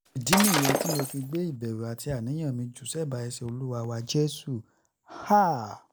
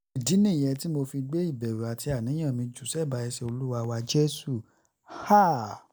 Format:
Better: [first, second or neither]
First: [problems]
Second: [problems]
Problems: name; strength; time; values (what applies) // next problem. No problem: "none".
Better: second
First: background sound (Shatter); 1 dB above the speech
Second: none